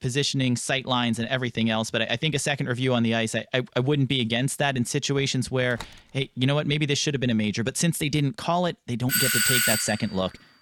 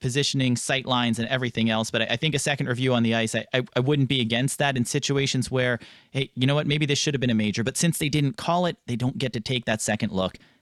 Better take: second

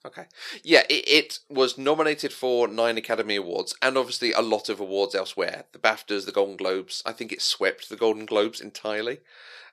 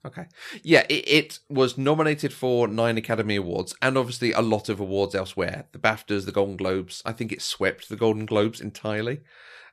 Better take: second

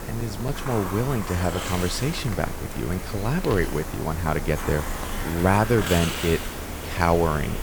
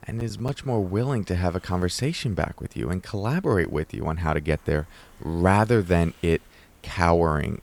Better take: second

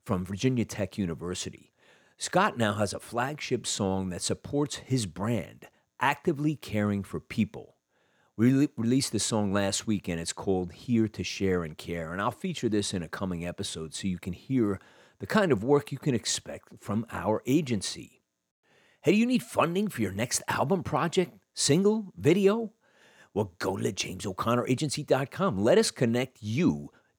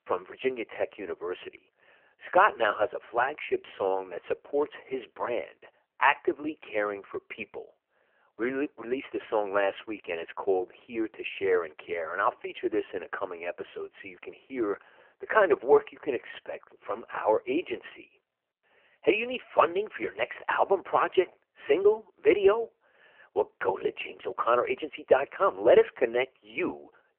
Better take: first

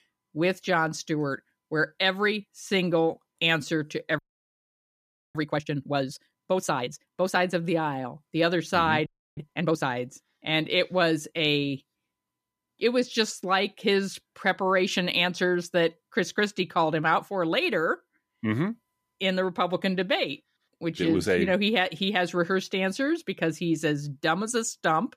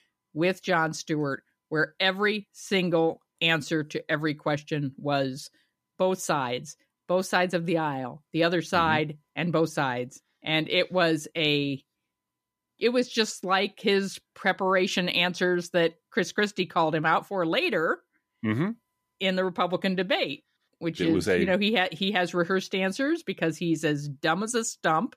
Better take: second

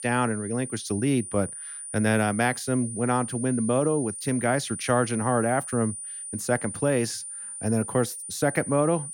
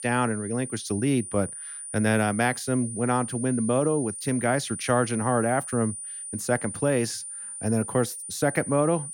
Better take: neither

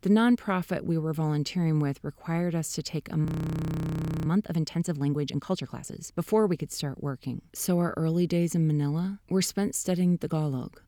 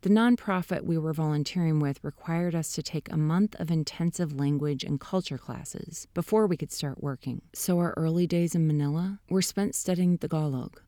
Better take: second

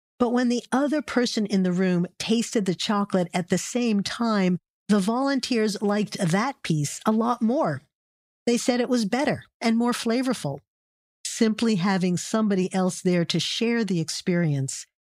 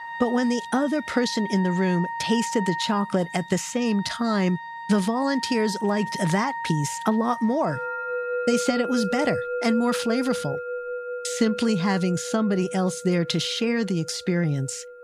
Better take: first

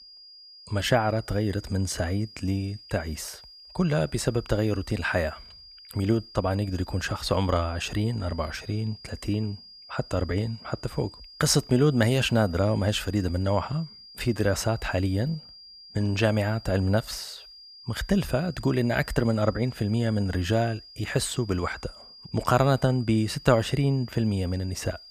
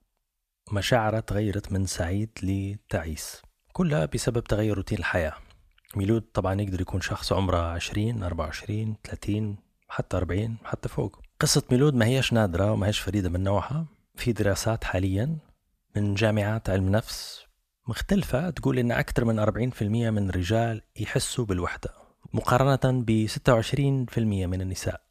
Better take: second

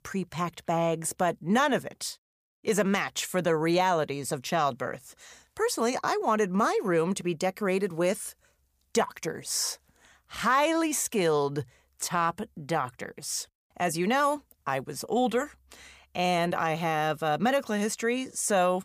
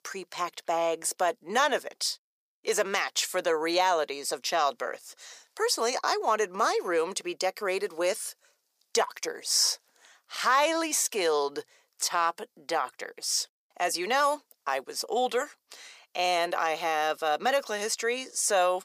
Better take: first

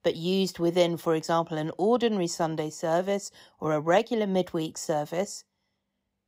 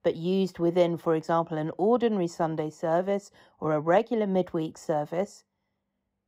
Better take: first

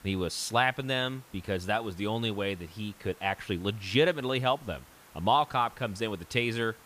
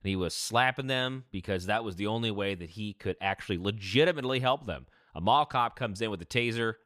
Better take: second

